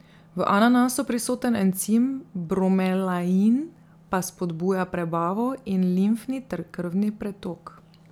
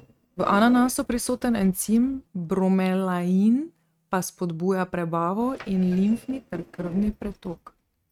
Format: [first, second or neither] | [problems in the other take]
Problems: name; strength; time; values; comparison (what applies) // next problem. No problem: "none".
first | noise reduction (neural mask model RNNoise)